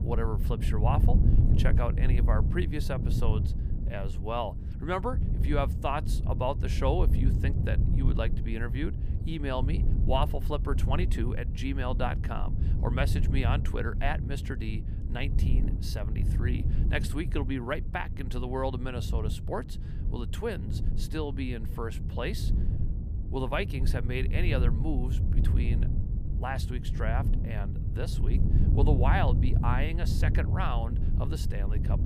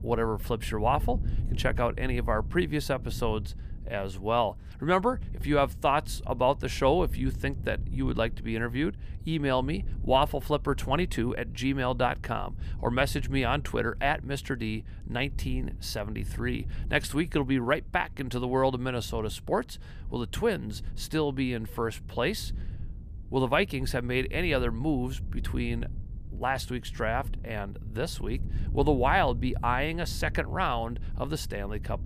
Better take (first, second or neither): second